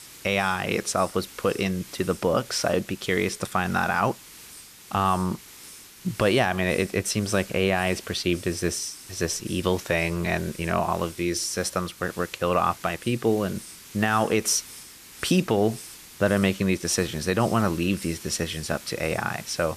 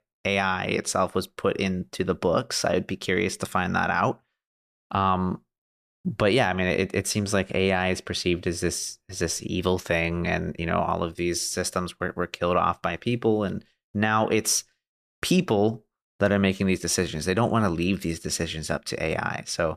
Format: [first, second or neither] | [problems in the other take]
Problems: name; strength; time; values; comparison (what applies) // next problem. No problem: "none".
second | hiss; noticeable; throughout; 15 dB below the speech